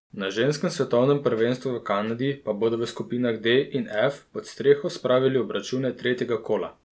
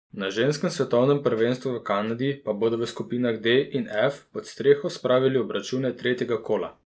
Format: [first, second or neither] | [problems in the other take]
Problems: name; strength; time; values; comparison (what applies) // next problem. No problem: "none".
first | noise reduction (neural mask model Resemble Enhance denoiser)